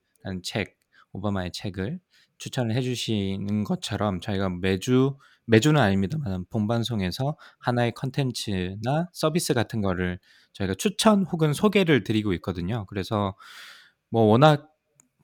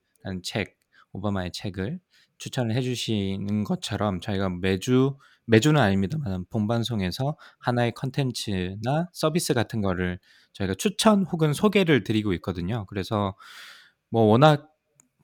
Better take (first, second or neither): neither